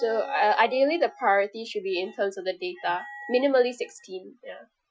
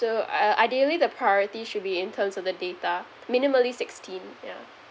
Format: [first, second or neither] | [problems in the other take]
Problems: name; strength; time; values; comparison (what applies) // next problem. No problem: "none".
second | noise reduction (classical method Wiener filter)